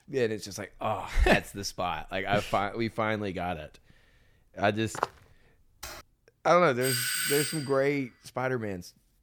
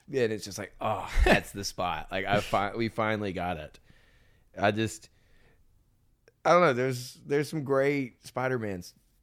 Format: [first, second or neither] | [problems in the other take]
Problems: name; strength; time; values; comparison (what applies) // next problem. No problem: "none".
second | footsteps; noticeable; at 5 s; peak 6 dB below the speech // keyboard typing; faint; at 6 s; peak 15 dB below the speech // doorbell; loud; at 7 s; peak 2 dB above the speech